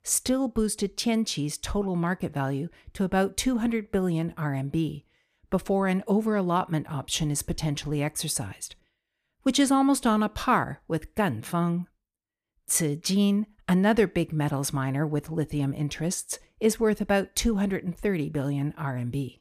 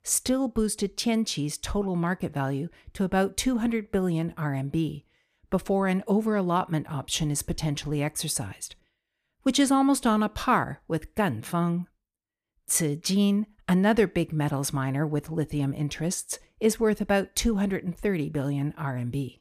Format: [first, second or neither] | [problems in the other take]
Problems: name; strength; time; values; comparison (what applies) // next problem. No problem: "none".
neither | none